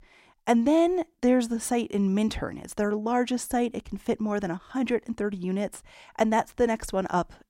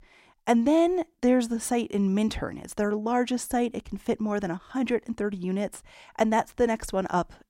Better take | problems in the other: neither | none

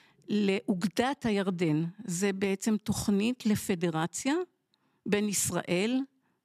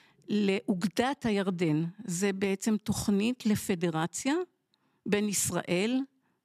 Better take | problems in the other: neither | none

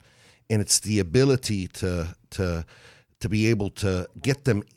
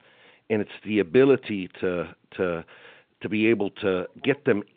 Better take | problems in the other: first | phone-call audio; nothing above 3.5 kHz

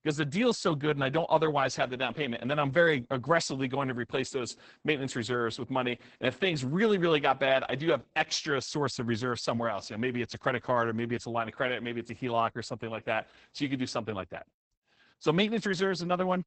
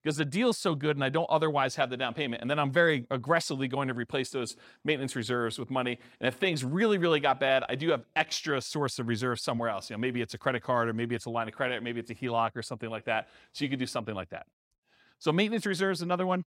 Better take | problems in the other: second | garbled, watery; badly; nothing above 8 kHz

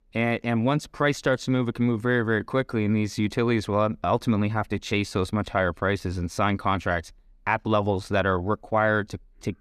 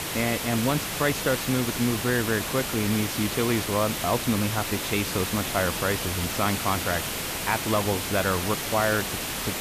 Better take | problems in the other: first | hiss; loud; throughout; 2 dB below the speech

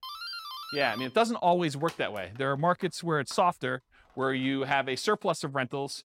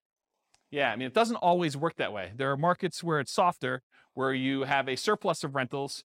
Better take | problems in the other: second | doorbell; noticeable; until 4.5 s; peak 8 dB below the speech

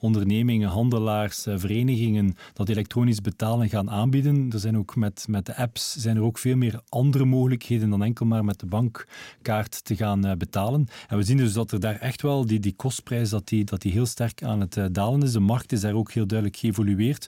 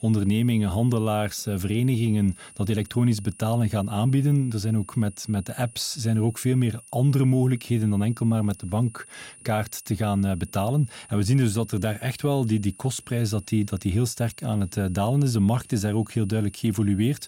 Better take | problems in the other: first | high-pitched whine; faint; throughout; 9.5 kHz, 20 dB below the speech

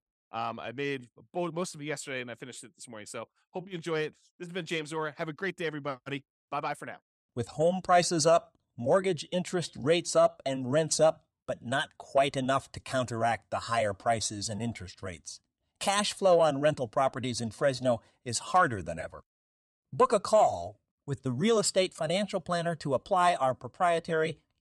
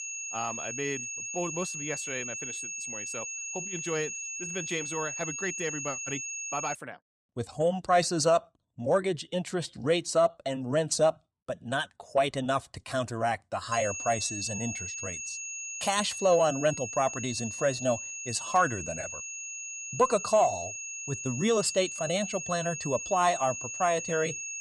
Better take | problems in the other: first | high-pitched whine; loud; until 7 s and from 14 s on; 6.5 kHz, 5 dB below the speech

